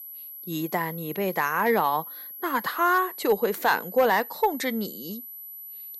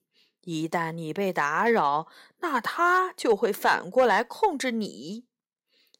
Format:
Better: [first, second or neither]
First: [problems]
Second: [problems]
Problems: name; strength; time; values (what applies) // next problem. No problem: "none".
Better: second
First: high-pitched whine; noticeable; throughout; 11.5 kHz, 10 dB below the speech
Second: none